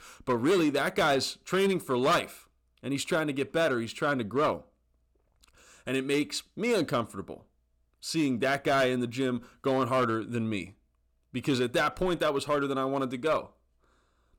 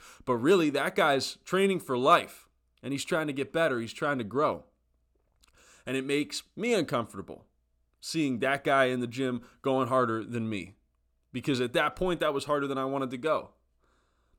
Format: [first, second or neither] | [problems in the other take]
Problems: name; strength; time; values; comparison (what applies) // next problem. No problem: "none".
second | distortion; slight; 5% of the sound clipped